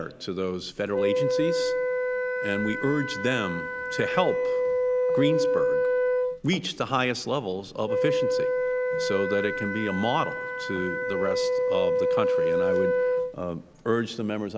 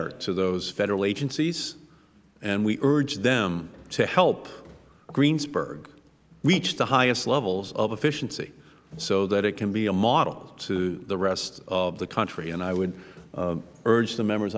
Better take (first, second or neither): second